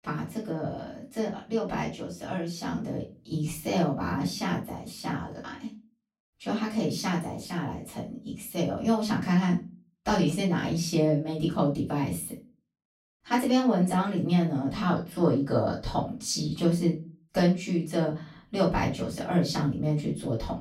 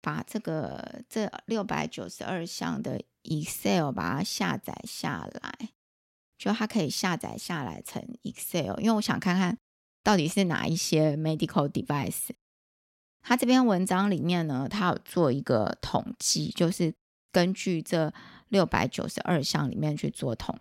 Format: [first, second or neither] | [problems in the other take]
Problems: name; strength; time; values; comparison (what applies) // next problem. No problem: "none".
second | off-mic speech; far // room echo; slight; dies away in 0.3 s